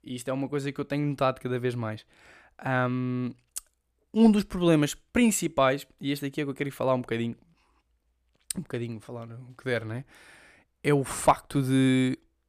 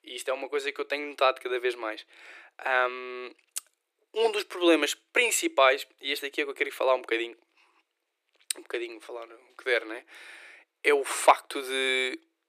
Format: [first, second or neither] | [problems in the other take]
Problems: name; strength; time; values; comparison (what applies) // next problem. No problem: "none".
first | thin; very; fading below 350 Hz